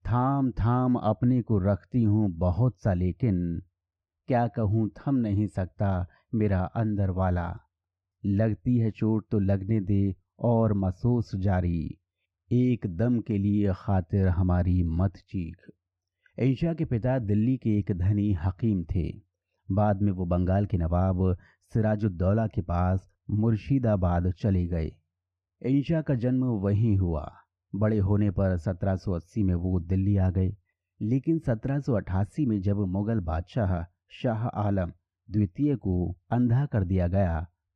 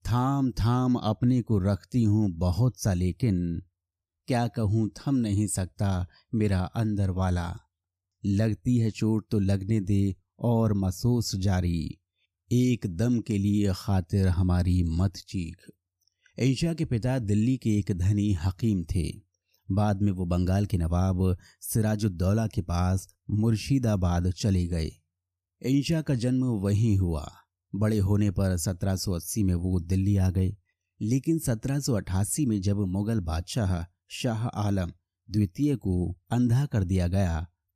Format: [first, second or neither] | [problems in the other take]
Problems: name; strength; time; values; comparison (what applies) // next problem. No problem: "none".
second | muffled; very; fading above 1.5 kHz